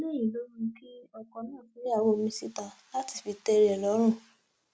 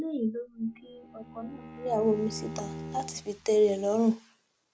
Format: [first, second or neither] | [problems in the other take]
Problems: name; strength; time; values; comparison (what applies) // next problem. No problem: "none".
first | background sound (Bowed string instrument); 14 dB below the speech